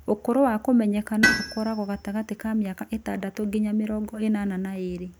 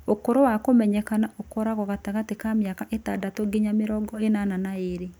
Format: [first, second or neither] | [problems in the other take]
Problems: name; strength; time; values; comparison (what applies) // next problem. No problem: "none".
second | background sound (Tools); 5 dB below the speech